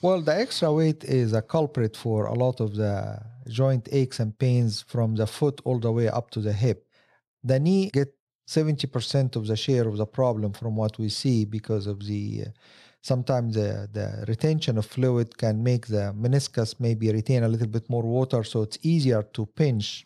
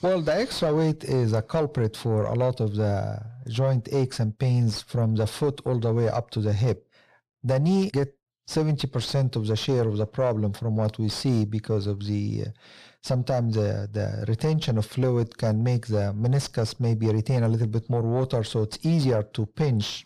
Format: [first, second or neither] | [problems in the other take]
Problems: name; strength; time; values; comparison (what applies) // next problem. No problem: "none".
first | distortion; slight; 10 dB below the speech